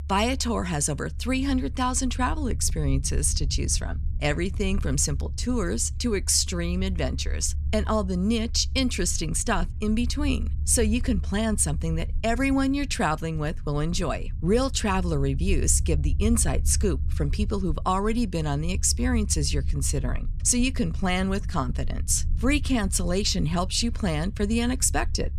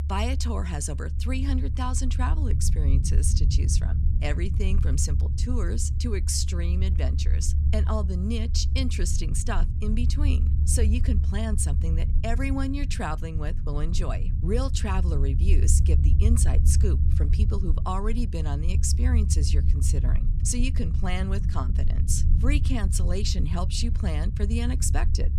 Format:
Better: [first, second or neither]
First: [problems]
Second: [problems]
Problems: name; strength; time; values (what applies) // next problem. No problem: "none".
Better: first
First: low rumble; faint; throughout; 20 dB below the speech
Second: low rumble; loud; throughout; 8 dB below the speech